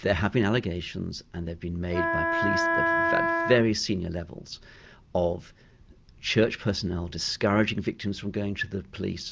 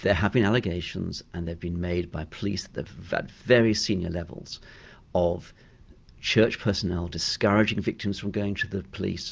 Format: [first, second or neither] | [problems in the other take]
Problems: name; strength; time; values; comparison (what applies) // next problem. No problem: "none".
second | background sound (Wind instrument, woodwind instrument); 3 dB above the speech